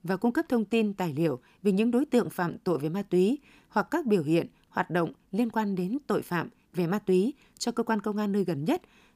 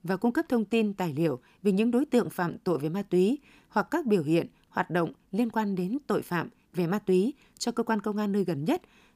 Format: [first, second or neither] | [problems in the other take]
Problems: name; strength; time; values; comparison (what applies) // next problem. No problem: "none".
neither | none